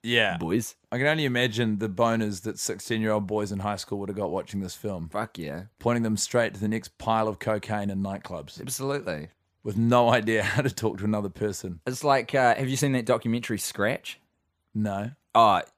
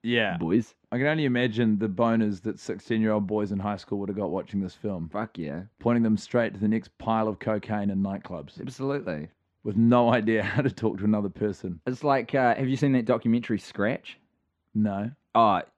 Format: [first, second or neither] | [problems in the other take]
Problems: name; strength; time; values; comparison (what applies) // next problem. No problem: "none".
first | muffled; slightly; fading above 3 kHz